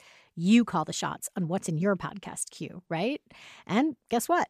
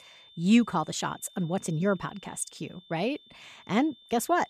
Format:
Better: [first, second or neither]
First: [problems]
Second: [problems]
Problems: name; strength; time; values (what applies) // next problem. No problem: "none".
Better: first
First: none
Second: high-pitched whine; faint; throughout; 3.5 kHz, 25 dB below the speech